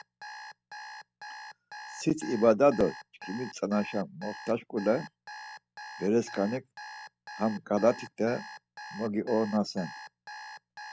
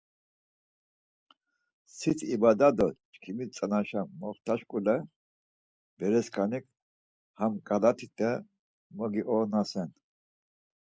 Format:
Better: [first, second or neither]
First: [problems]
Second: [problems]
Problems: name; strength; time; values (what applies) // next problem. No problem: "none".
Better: second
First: background sound (Alarm); 14 dB below the speech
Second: none